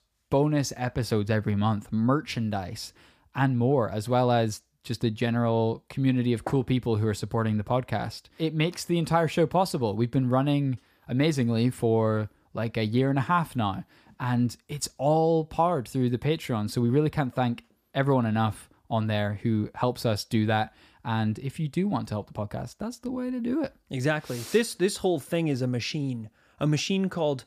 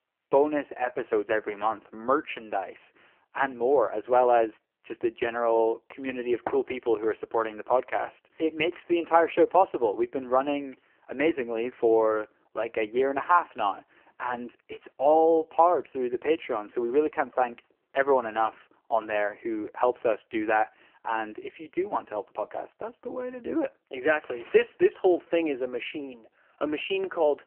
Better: first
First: none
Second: phone-call audio; poor line; nothing above 3 kHz

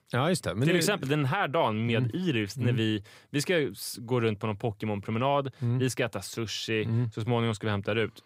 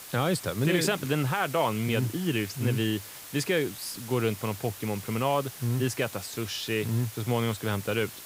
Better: first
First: none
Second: hiss; noticeable; throughout; 10 dB below the speech

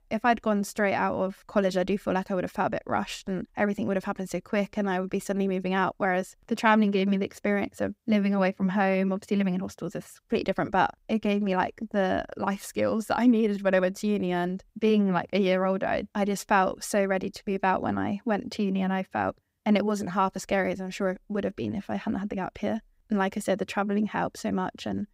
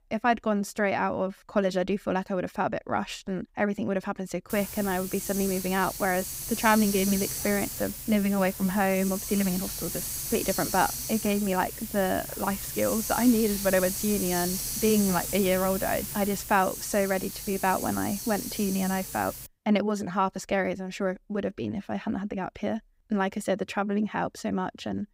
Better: first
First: none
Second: hiss; loud; from 4.5 to 19 s; 5 dB below the speech

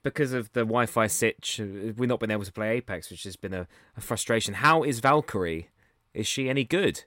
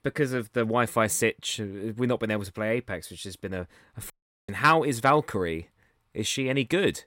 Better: first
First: none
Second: audio cutting out; at 4 s

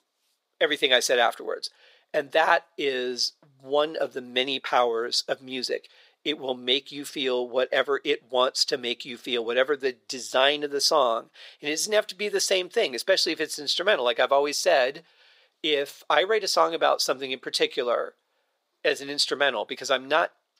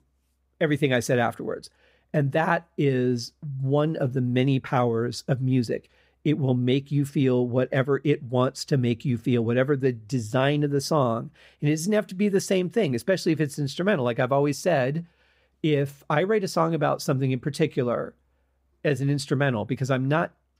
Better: second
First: thin; very; fading below 500 Hz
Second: none

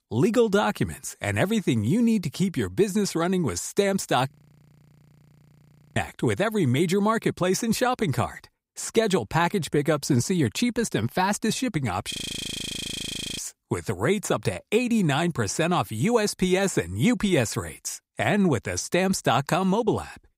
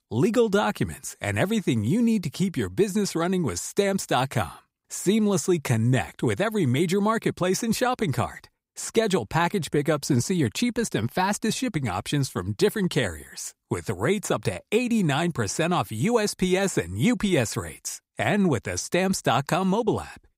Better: second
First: audio freezing; at 4.5 s for 1.5 s and at 12 s for 1.5 s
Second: none

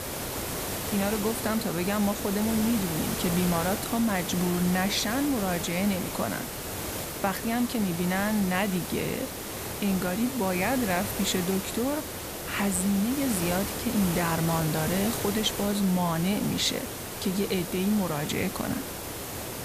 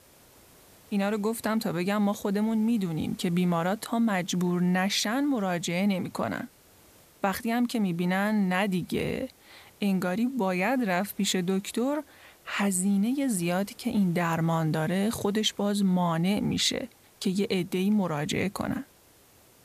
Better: second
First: hiss; loud; throughout; 5 dB below the speech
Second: hiss; faint; throughout; 25 dB below the speech

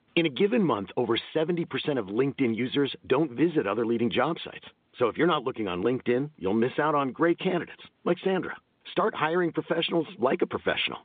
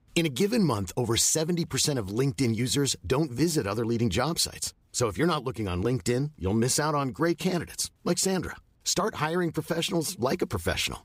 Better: second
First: phone-call audio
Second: none

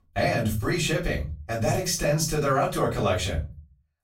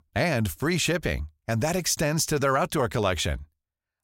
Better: second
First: off-mic speech; far // room echo; very slight; dies away in 0.3 s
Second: none

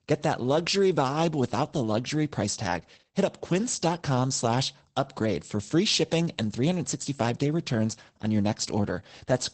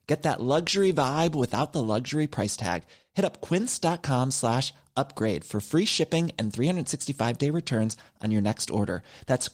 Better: second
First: garbled, watery; badly; nothing above 8 kHz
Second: garbled, watery; slightly; nothing above 16 kHz

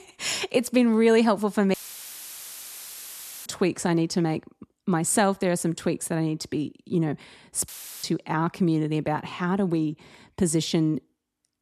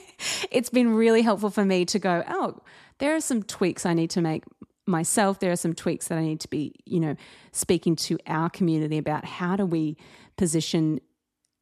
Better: second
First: audio cutting out; filled with static; at 1.5 s for 1.5 s and at 7.5 s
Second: none

